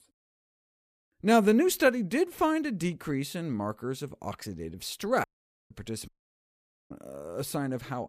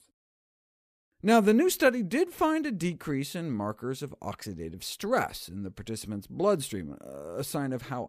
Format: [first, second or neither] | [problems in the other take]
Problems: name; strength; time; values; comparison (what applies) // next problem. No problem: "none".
second | audio cutting out; at 5 s and at 6 s for 1 s